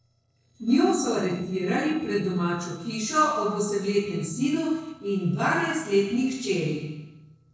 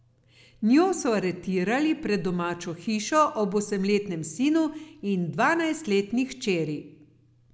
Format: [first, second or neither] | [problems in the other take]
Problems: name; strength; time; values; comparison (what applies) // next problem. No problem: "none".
second | noise reduction (neural separator model SepFormer DNS4)